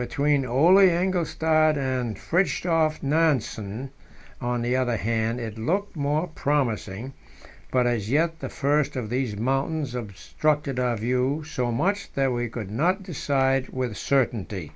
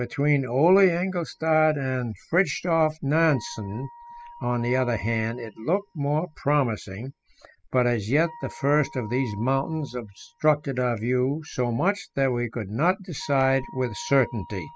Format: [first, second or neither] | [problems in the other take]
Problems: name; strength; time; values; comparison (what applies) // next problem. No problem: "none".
first | noise reduction (classical method spectral subtraction)